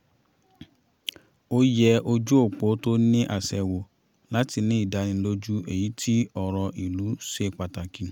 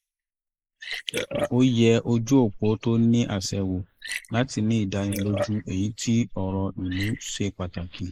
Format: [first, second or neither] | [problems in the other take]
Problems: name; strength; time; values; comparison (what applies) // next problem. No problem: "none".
first | noise reduction (neural mask model Resemble Enhance denoiser)